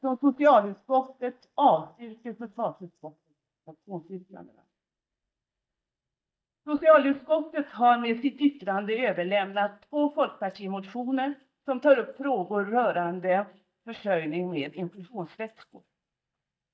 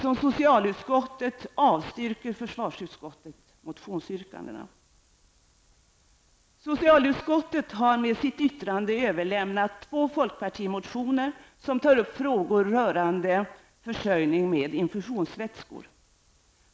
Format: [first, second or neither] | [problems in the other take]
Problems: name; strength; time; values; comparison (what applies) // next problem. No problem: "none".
second | noise reduction (neural mask model DeepFilterNet 3)